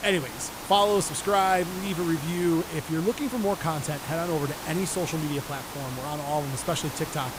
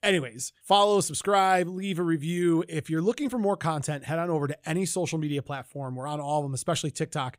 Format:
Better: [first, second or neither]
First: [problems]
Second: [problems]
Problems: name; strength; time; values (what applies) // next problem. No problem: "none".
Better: second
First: hiss; loud; throughout; 9 dB below the speech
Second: none